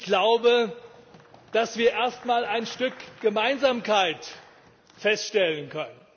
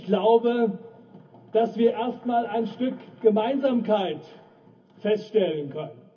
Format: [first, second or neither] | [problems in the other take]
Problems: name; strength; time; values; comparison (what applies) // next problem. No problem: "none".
first | room echo; dies away in 0.3 s